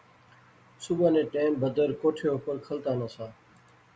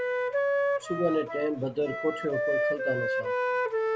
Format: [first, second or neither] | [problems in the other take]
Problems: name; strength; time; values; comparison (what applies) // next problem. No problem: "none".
first | background sound (Wind instrument, woodwind instrument); 3 dB above the speech